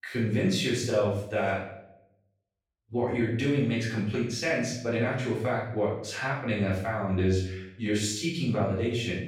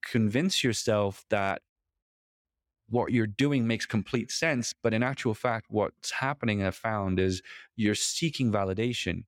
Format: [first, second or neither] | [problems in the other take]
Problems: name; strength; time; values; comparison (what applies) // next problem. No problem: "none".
second | room echo; noticeable; dies away in 0.6 s // off-mic speech; far